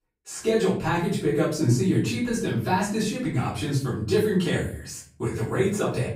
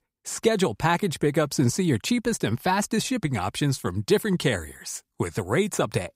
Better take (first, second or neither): second